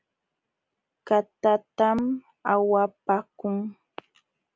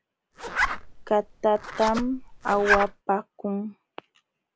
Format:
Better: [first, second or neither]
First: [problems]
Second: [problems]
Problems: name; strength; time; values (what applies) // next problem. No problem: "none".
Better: first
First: none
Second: background sound (Zipper (clothing)); 2 dB below the speech